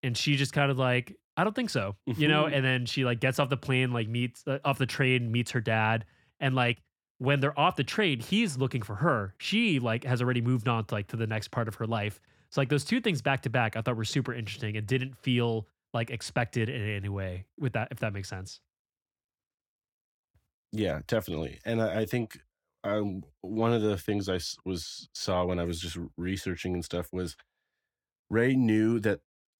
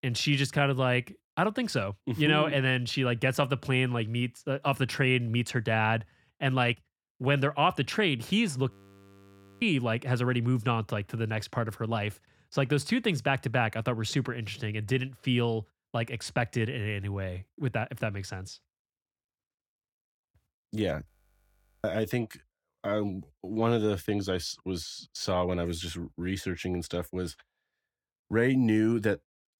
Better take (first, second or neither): first